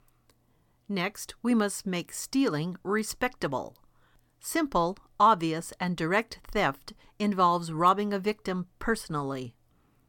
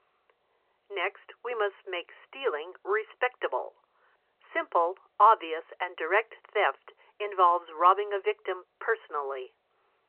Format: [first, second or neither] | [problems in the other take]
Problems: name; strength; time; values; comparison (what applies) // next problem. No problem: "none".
first | phone-call audio